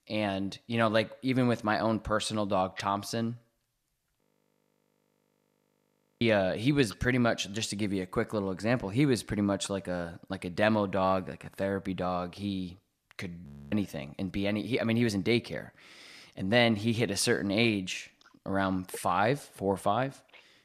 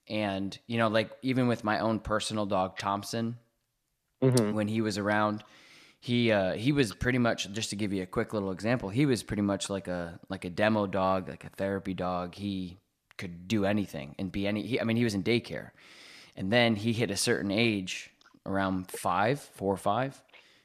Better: second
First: audio freezing; at 4 s for 2 s and at 13 s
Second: none

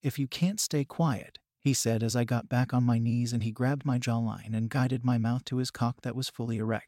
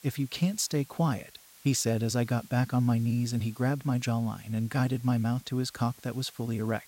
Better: first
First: none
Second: hiss; faint; throughout; 25 dB below the speech

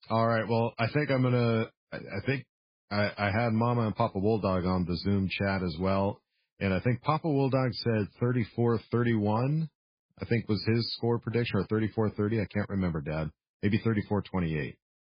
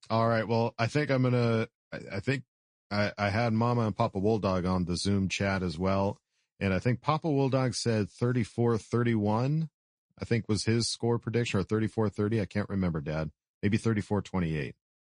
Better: second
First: garbled, watery; badly; nothing above 5 kHz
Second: garbled, watery; slightly; nothing above 10 kHz

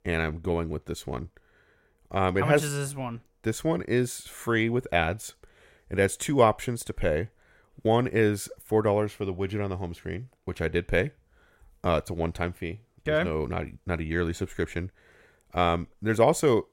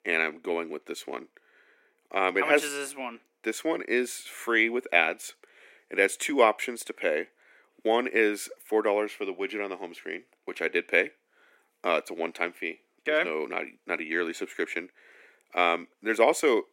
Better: first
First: none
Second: thin; somewhat; fading below 250 Hz

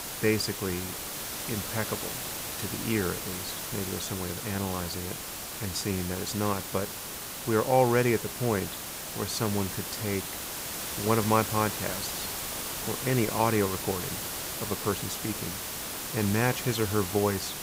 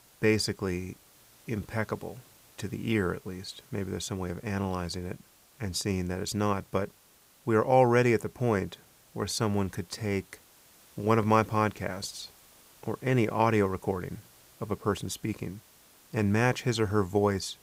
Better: second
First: hiss; loud; throughout; 4 dB below the speech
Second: hiss; faint; throughout; 25 dB below the speech

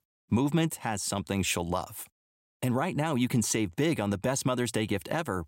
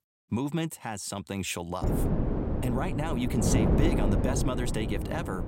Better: first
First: none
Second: wind noise on the microphone; heavy; from 2 s on; as loud as the speech

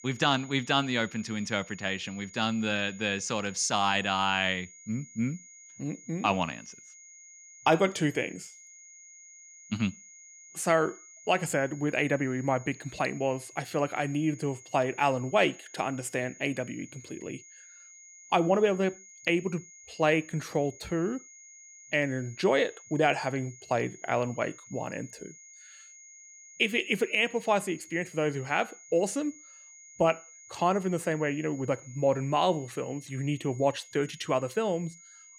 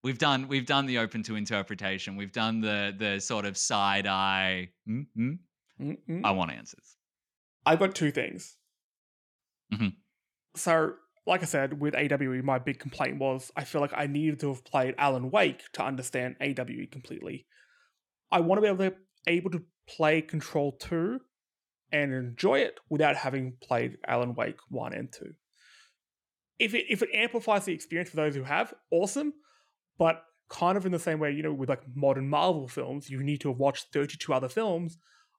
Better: second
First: high-pitched whine; noticeable; throughout; 6.5 kHz, 20 dB below the speech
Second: none

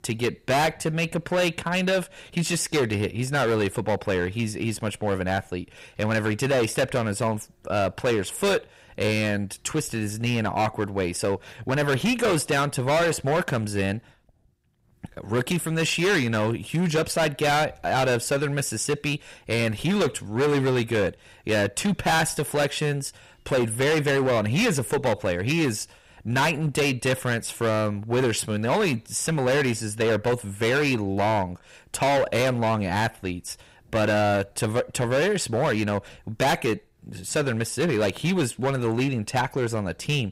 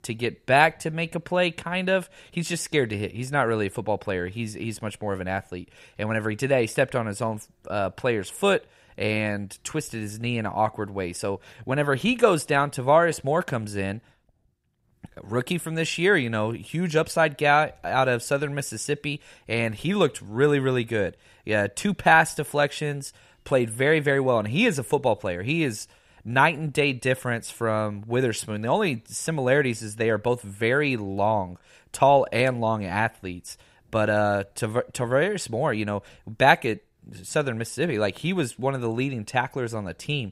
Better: second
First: distortion; heavy; 14% of the sound clipped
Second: none

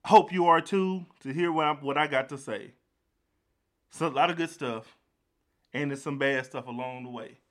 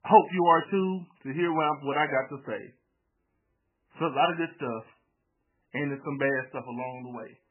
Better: first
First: none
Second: garbled, watery; badly; nothing above 3 kHz

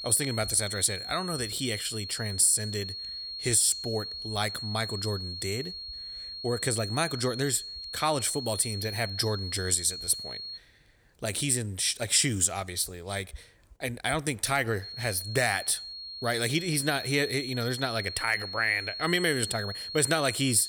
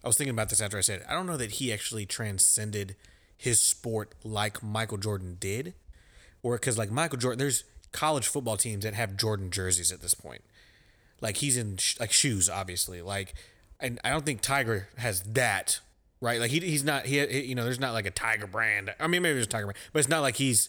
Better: second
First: high-pitched whine; loud; until 11 s and from 15 s on; 4.5 kHz, 8 dB below the speech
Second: none

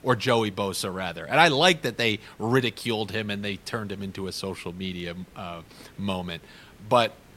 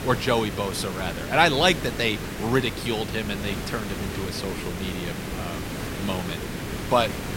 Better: first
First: hiss; faint; throughout; 30 dB below the speech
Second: hiss; loud; throughout; 7 dB below the speech

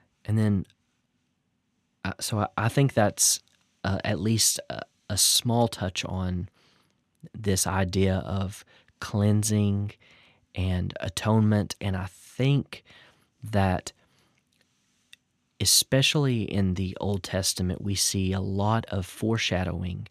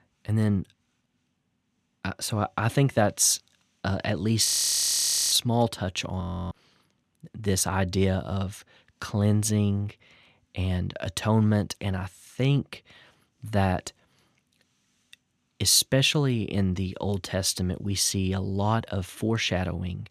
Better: first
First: none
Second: audio freezing; at 4.5 s for 1 s and at 6 s

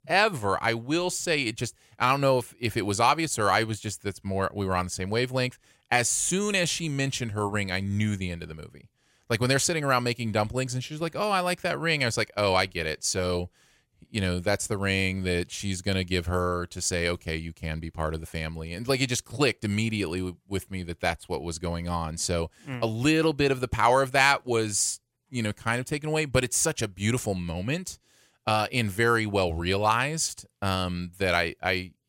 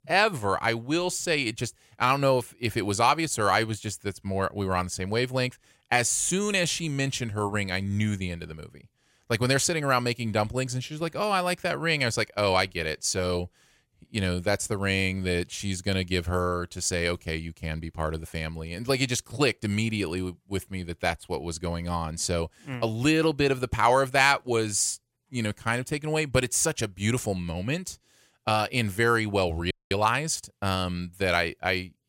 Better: first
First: none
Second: audio freezing; at 30 s

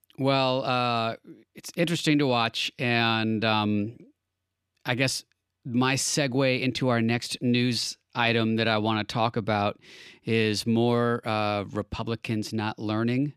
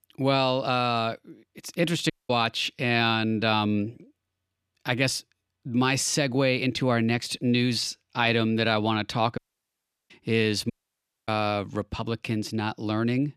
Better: first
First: none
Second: audio cutting out; at 2 s, at 9.5 s for 0.5 s and at 11 s for 0.5 s

